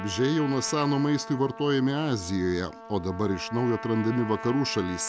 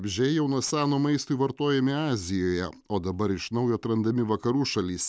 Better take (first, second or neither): second